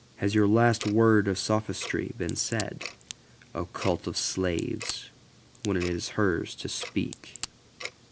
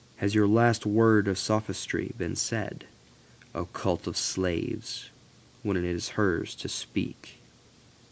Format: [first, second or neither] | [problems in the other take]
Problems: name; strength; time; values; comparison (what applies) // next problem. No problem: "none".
second | background sound (Crack + Tick-tock); 16 dB below the speech